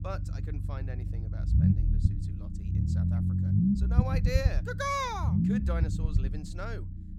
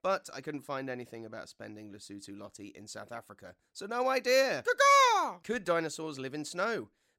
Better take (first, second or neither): second